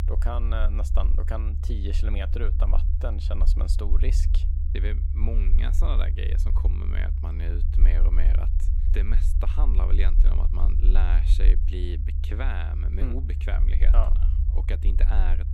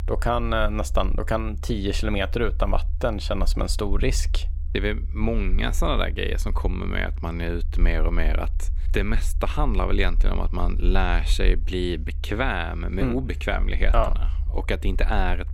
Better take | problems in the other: second | low rumble; loud; throughout; 7 dB below the speech; faint in the second

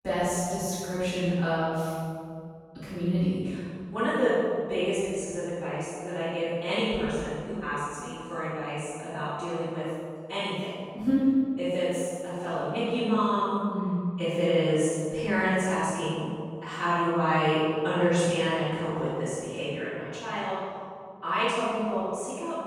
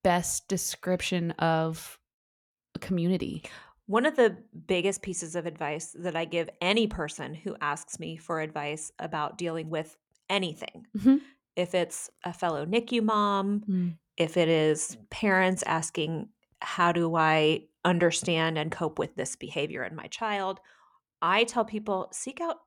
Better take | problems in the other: second | off-mic speech; far // room echo; strong; dies away in 2 s

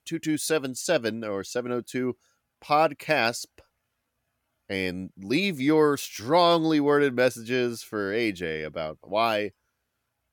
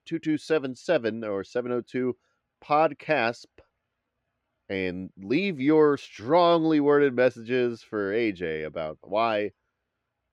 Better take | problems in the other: first | muffled; slightly; fading above 3 kHz

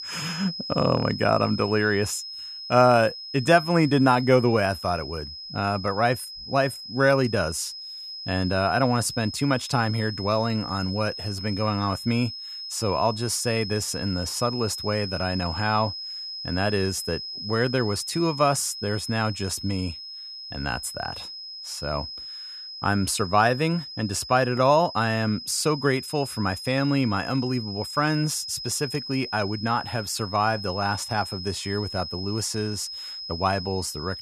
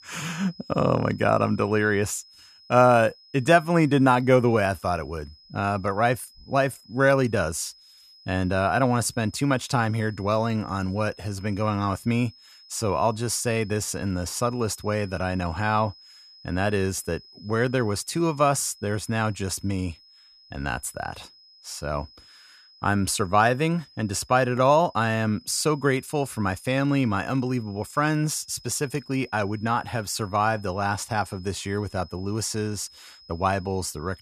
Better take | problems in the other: second | high-pitched whine; loud; throughout; 5 kHz, 9 dB below the speech; faint in the second

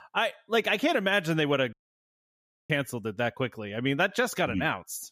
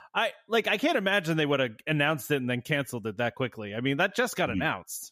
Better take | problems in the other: second | audio cutting out; at 1.5 s for 1 s

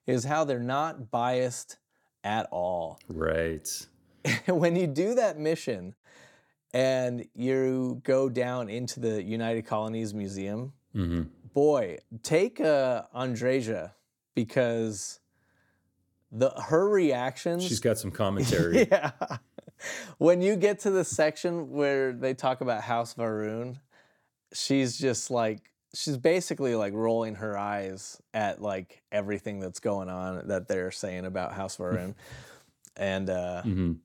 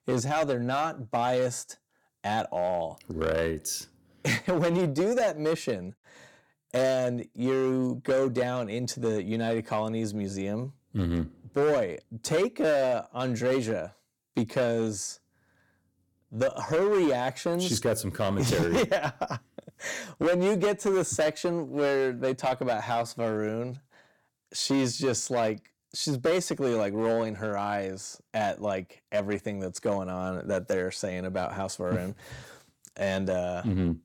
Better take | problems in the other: first | distortion; slight; 7% of the sound clipped

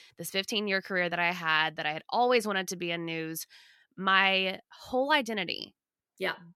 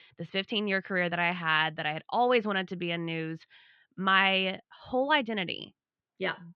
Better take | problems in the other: first | muffled; slightly; fading above 3.5 kHz

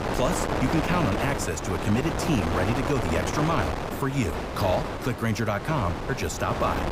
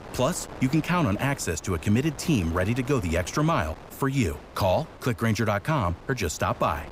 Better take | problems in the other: second | wind noise on the microphone; heavy; 1 dB below the speech; occasional gusts in the second

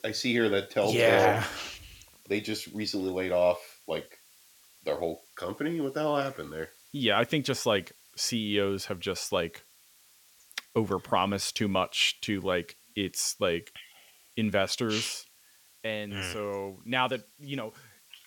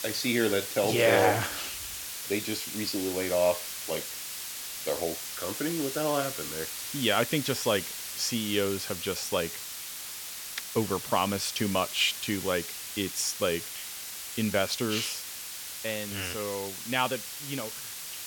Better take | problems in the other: first | hiss; loud; throughout; 6 dB below the speech; faint in the first

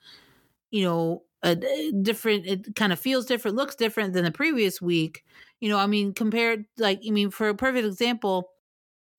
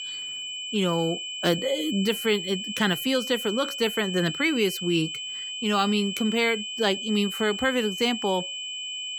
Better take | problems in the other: first | high-pitched whine; loud; throughout; 3 kHz, 5 dB below the speech

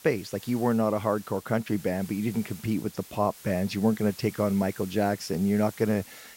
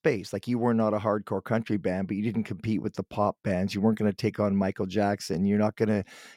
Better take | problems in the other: second | hiss; noticeable; throughout; 20 dB below the speech

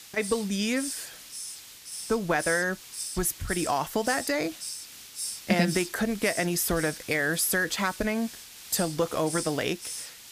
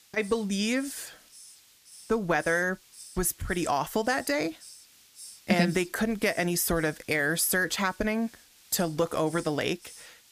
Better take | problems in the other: second | hiss; loud; throughout; 9 dB below the speech; faint in the second

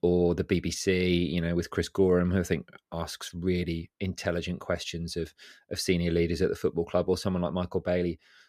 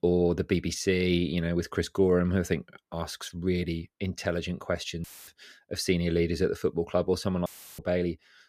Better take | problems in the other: first | audio cutting out; filled with static; at 5 s and at 7.5 s

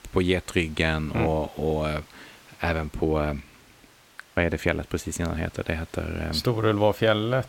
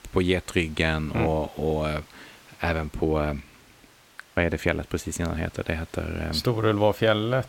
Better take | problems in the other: neither | hiss; faint; throughout; 25 dB below the speech; the same in both

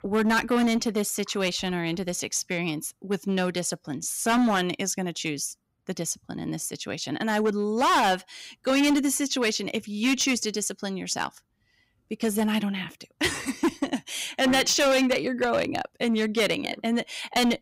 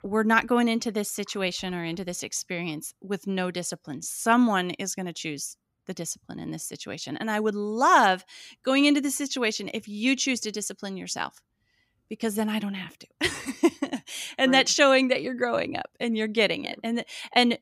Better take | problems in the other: second | distortion; heavy; 8% of the sound clipped

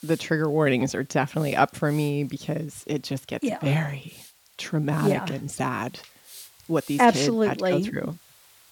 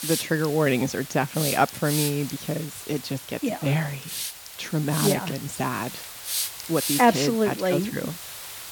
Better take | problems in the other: first | hiss; loud; throughout; 6 dB below the speech; faint in the first

